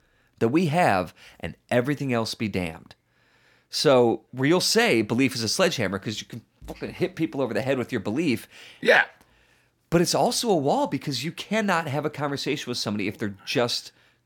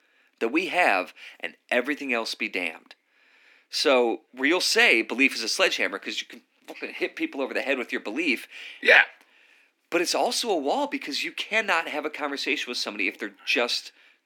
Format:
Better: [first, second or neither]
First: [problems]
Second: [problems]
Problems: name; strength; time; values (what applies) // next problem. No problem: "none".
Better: first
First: none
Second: thin; very slightly; fading below 250 Hz